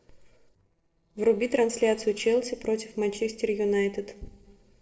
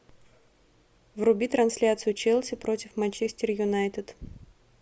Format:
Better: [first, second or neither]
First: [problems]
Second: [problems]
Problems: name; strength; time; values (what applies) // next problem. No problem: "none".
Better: second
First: noise reduction (neural separator model SepFormer DNS4)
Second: none